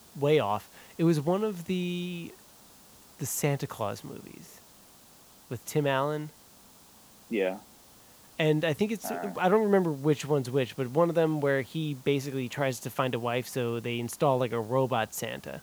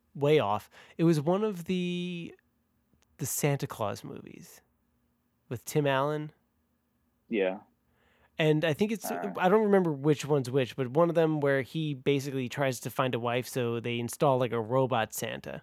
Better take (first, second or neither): second